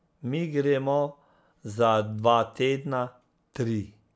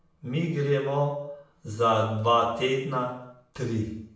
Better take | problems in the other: first | room echo; dies away in 0.7 s

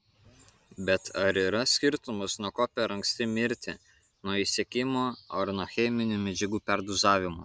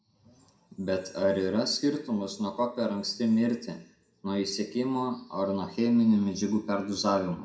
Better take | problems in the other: first | room echo; dies away in 0.5 s

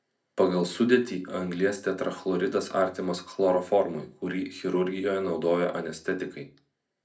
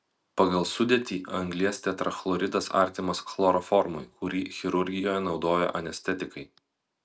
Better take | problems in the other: second | room echo; dies away in 0.3 s

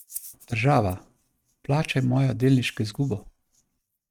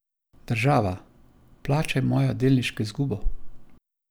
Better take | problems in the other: second | noise reduction (neural mask model RNNoise)

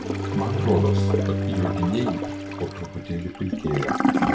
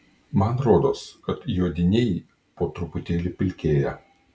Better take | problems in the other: second | background sound (Toilet flush / Gurgling + Bowed string instrument); 3 dB above the speech

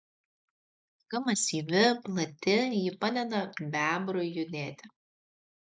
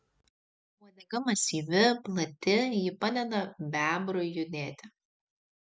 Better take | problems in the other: second | noise reduction (neural mask model Resemble Enhance denoiser)

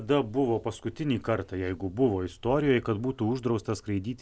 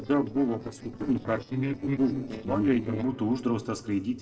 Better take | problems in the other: first | noise reduction (neural separator model SepFormer DNS4)

